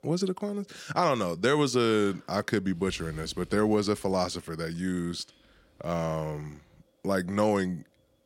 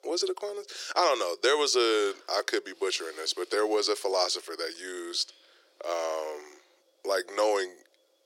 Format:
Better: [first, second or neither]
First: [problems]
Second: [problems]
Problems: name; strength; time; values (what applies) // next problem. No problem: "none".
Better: first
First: none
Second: thin; very; fading below 350 Hz